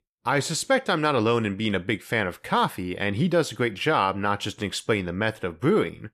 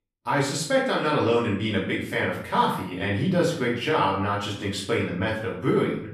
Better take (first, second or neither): first